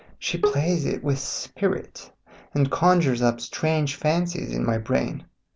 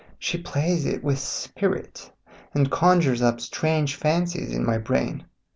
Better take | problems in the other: second | background sound (Bowed string instrument); 6 dB below the speech

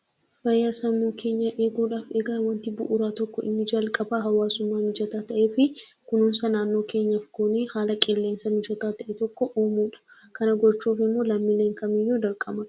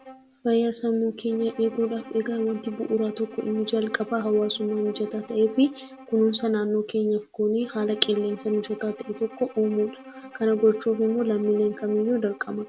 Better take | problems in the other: first | background sound (Bowed string instrument); 19 dB below the speech

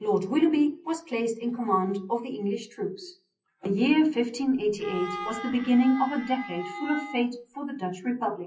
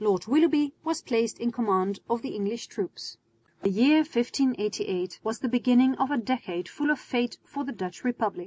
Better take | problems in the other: second | noise reduction (classical method WPE with log-MMSE)

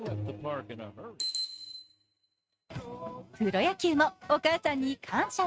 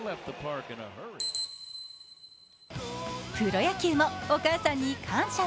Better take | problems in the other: second | noise reduction (neural mask model RNNoise)

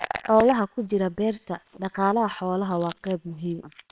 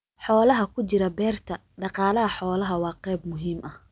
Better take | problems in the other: second | noise reduction (neural separator model SepFormer WHAMR!)

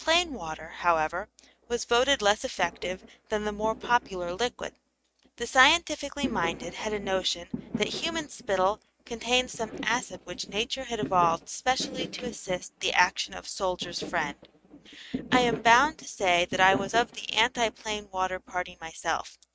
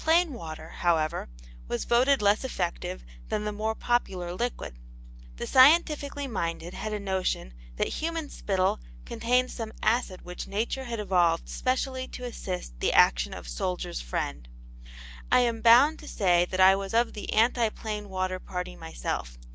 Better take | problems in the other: second | noise reduction (neural mask model RNNoise)

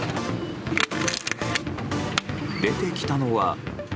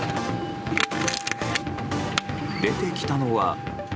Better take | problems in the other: first | background sound (Wind instrument, woodwind instrument); 11 dB below the speech

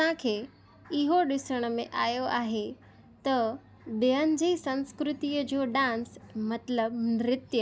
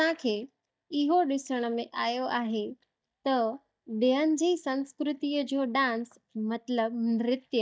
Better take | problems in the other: first | noise reduction (neural mask model DeepFilterNet 3)

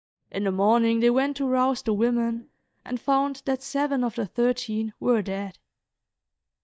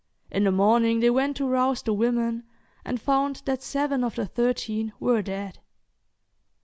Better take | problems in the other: second | noise reduction (neural mask model DeepFilterNet 3)

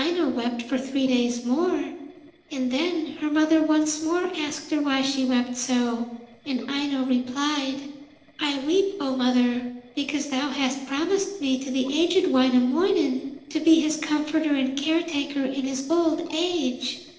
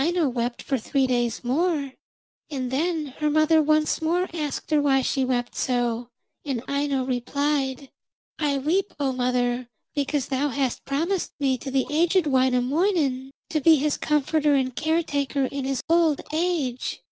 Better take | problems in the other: second | noise reduction (neural separator model SepFormer DNS4)

